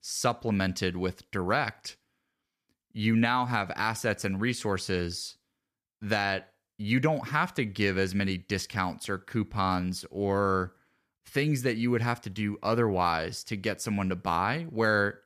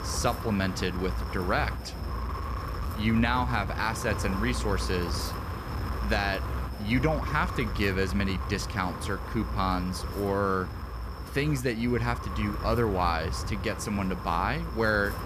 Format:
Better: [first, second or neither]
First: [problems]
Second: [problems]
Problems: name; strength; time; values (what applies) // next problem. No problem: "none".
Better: first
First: none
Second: wind noise on the microphone; heavy; 8 dB below the speech